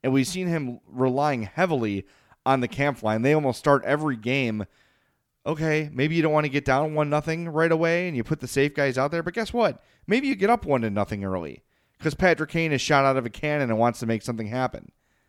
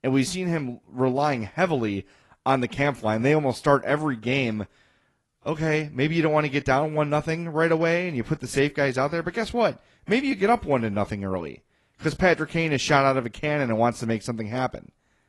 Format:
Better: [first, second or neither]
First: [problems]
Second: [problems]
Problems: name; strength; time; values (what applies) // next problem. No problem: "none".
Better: first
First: none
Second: garbled, watery; slightly; nothing above 11.5 kHz